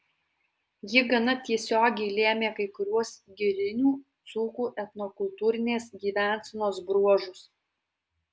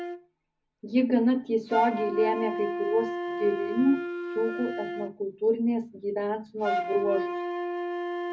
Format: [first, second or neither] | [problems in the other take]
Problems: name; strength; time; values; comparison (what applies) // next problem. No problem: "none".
first | background sound (Wind instrument, woodwind instrument); 5 dB below the speech // room echo; dies away in 0.4 s